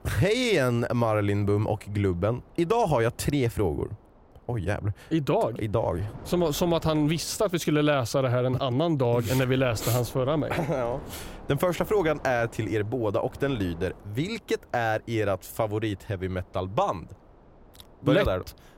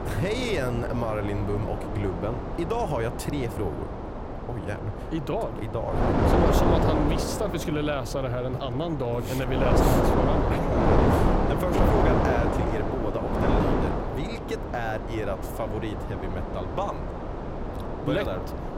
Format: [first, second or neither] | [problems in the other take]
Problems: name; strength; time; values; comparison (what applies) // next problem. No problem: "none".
first | wind noise on the microphone; heavy; 2 dB above the speech; occasional gusts in the first